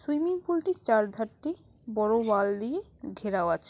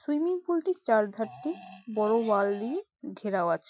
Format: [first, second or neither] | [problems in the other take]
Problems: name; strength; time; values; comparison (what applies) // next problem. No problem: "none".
first | noise reduction (classical method Wiener filter)